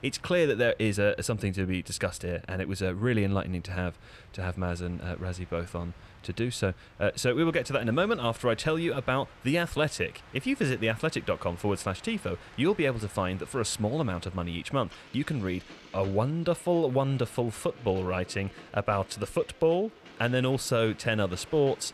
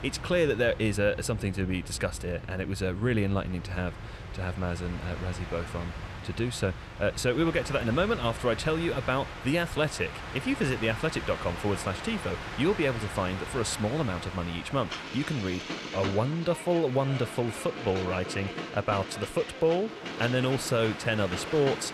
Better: first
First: train or aircraft noise; faint; throughout; 20 dB below the speech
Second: train or aircraft noise; loud; throughout; 9 dB below the speech

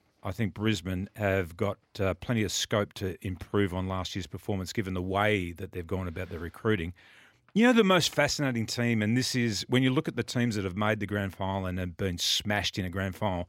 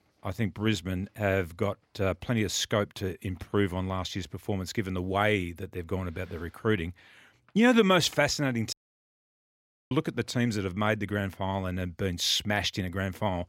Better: first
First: none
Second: audio cutting out; at 8.5 s for 1 s

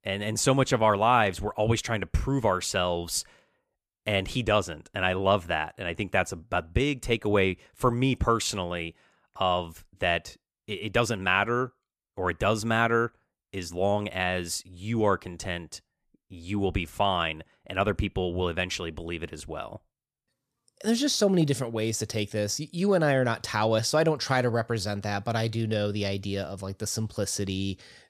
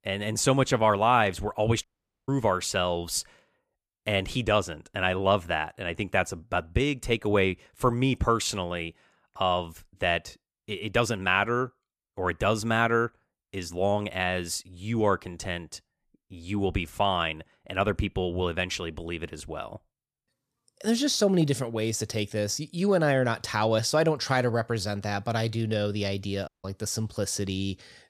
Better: first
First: none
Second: audio cutting out; at 2 s and at 26 s

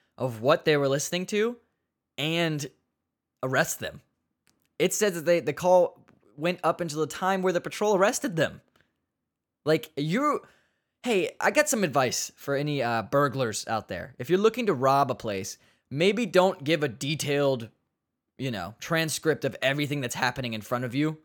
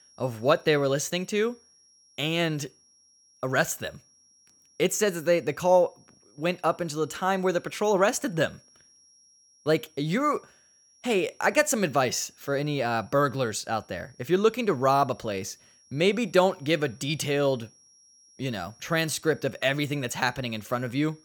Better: first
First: none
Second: high-pitched whine; faint; throughout; 5.5 kHz, 30 dB below the speech

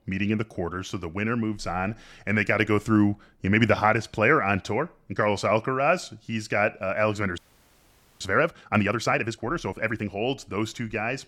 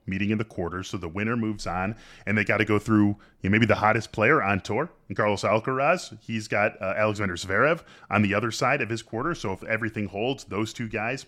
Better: second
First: audio freezing; at 7.5 s for 1 s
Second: none

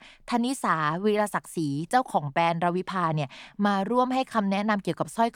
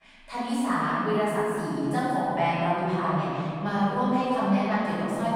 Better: first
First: none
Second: room echo; strong; dies away in 2.8 s // off-mic speech; far

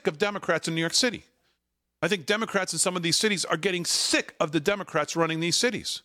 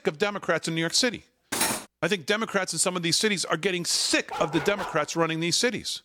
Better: first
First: none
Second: clattering dishes; noticeable; at 1.5 s; peak level with the speech // dog barking; noticeable; at 4.5 s; peak 9 dB below the speech

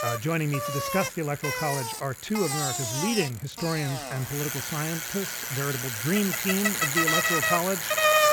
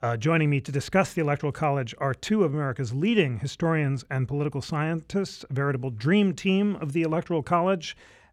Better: second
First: traffic noise; very loud; throughout; 3 dB above the speech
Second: none

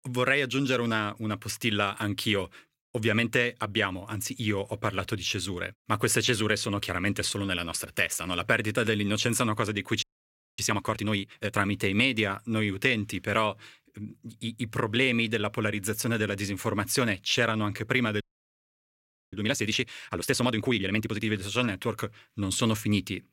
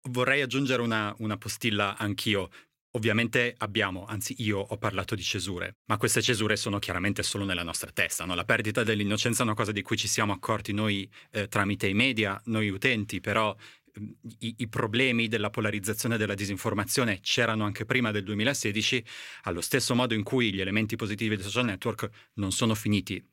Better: second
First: audio freezing; at 10 s for 0.5 s and at 18 s for 1 s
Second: none

